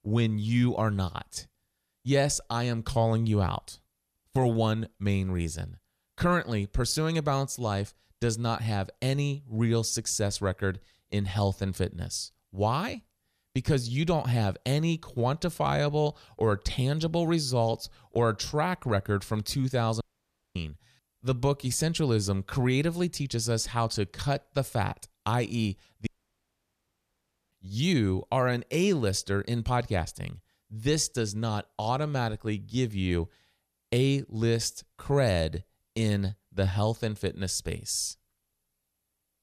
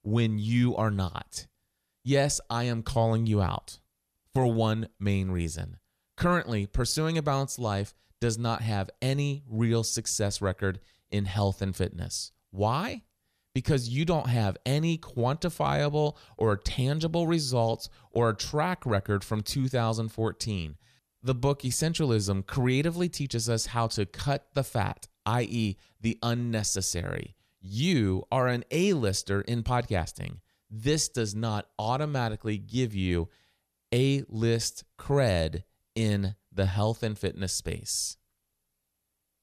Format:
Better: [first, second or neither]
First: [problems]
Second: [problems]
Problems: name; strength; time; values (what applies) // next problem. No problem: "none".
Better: second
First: audio cutting out; at 20 s for 0.5 s and at 26 s for 1.5 s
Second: none